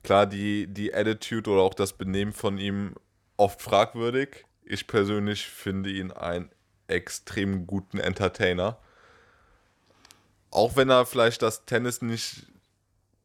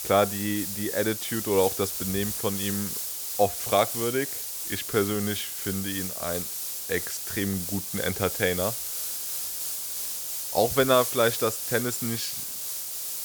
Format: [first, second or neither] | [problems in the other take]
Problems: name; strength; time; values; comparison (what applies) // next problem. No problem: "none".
first | hiss; loud; throughout; 2 dB below the speech